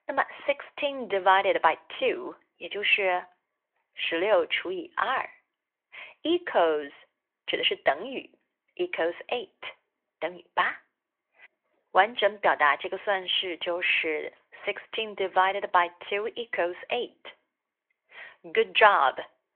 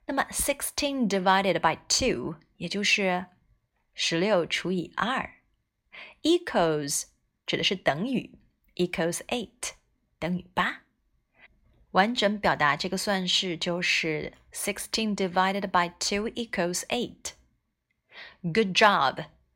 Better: second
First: phone-call audio; nothing above 3.5 kHz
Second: none

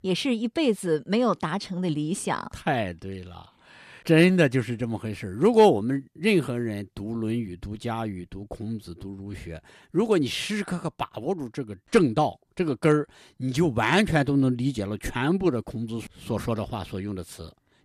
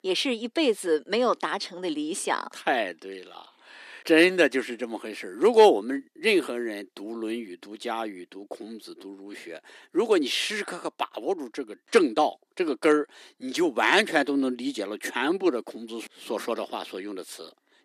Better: first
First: none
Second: thin; somewhat; fading below 300 Hz

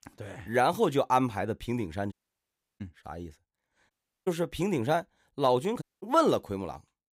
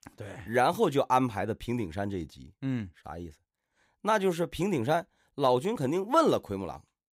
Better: second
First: audio cutting out; at 2 s for 0.5 s, at 4 s and at 6 s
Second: none

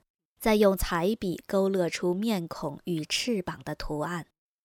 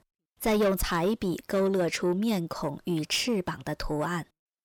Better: first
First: none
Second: distortion; slight; 10 dB below the speech

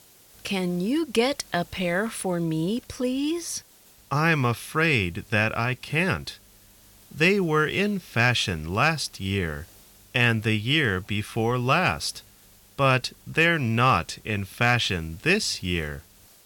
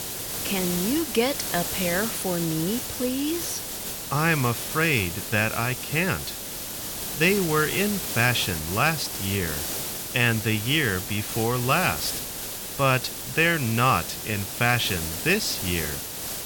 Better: first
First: hiss; faint; throughout; 25 dB below the speech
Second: hiss; loud; throughout; 5 dB below the speech

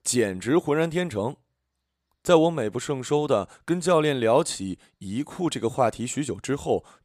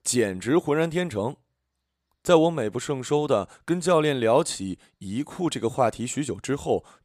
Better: neither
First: none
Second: none

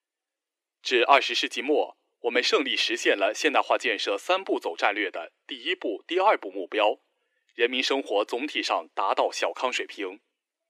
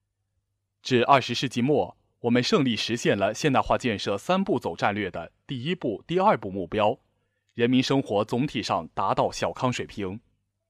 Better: second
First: thin; somewhat; fading below 300 Hz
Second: none

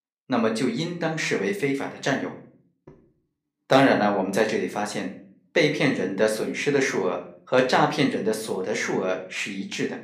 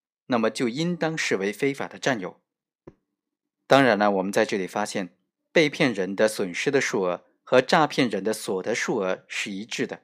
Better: second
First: room echo; slight; dies away in 0.4 s // off-mic speech; somewhat distant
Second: none

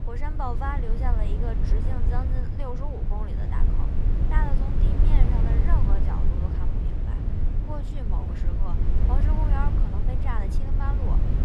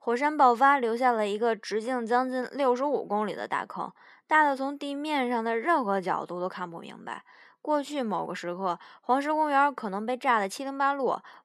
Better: second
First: low rumble; loud; throughout; 3 dB below the speech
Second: none

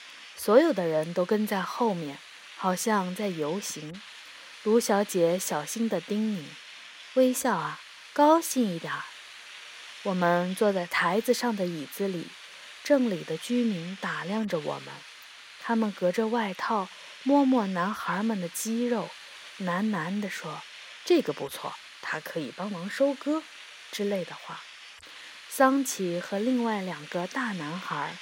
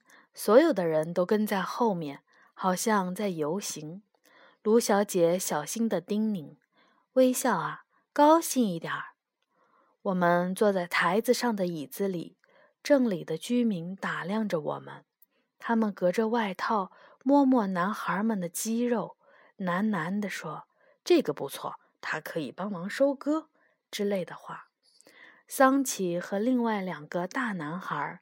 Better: second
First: hiss; noticeable; throughout; 15 dB below the speech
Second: none

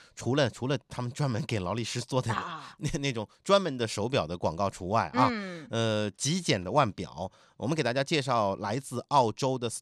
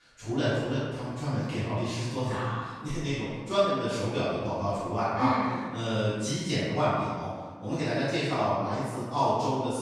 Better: first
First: none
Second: off-mic speech; far // room echo; strong; dies away in 1.4 s

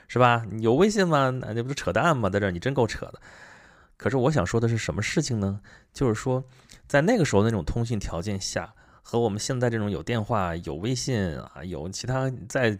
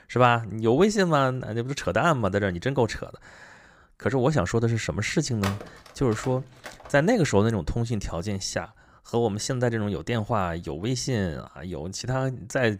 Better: first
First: none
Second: phone ringing; noticeable; from 5.5 to 7 s; peak 9 dB below the speech

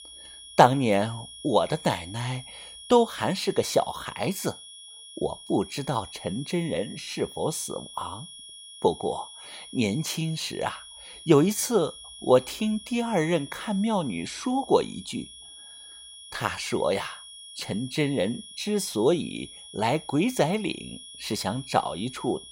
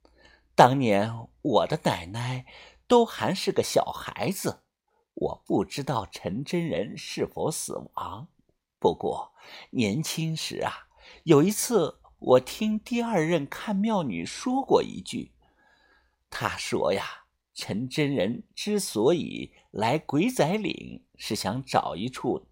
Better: second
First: high-pitched whine; noticeable; throughout; 3.5 kHz, 15 dB below the speech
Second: none

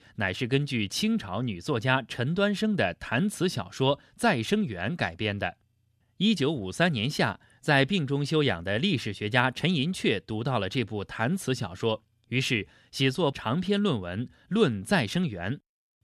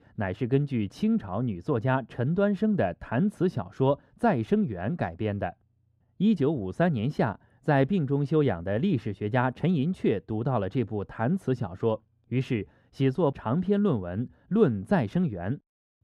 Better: first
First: none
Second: muffled; very; fading above 2 kHz

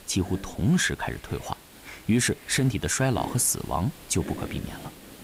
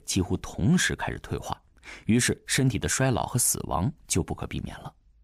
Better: second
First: hiss; noticeable; throughout; 15 dB below the speech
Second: none

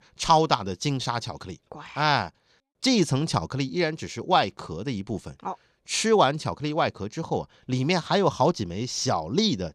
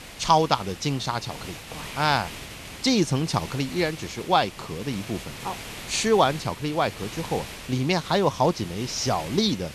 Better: first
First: none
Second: hiss; noticeable; throughout; 15 dB below the speech

